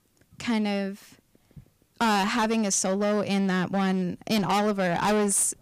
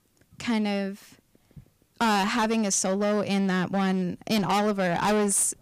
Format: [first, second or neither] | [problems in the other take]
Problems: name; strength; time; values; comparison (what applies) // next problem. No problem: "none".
neither | distortion; heavy; 15% of the sound clipped; the same in both